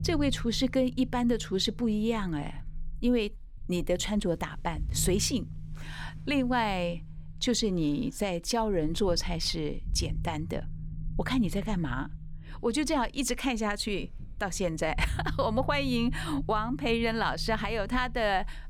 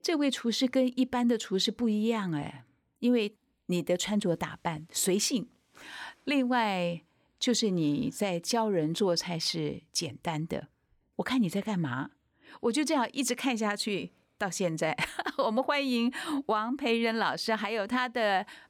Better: second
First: low rumble; faint; throughout; 25 dB below the speech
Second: none

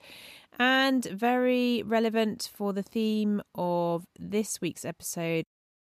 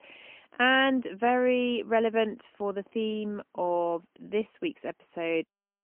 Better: first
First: none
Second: phone-call audio; poor line; nothing above 3 kHz

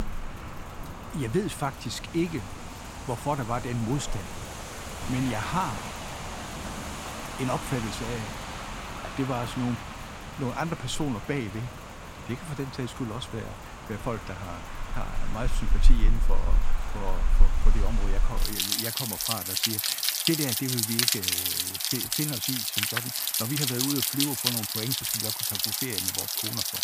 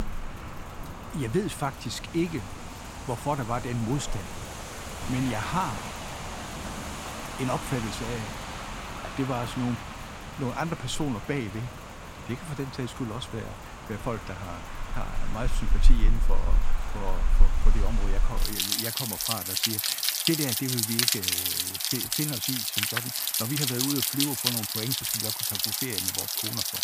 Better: neither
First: rain or running water; very loud; throughout; 4 dB above the speech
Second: rain or running water; very loud; throughout; 4 dB above the speech

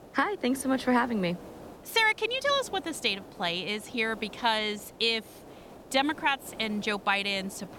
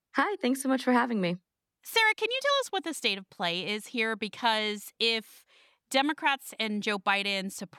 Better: second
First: hiss; noticeable; throughout; 20 dB below the speech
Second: none

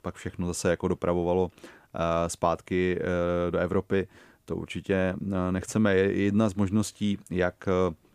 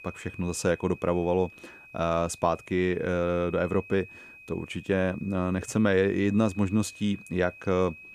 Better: first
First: none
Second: high-pitched whine; noticeable; throughout; 2.5 kHz, 20 dB below the speech

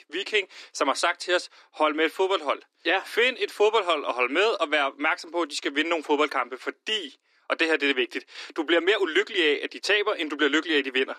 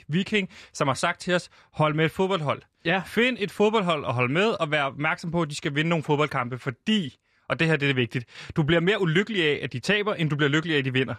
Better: second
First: thin; somewhat; fading below 300 Hz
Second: none

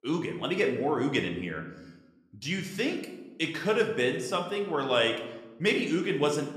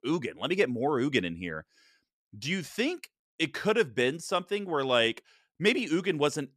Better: second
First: room echo; slight; dies away in 0.8 s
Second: none

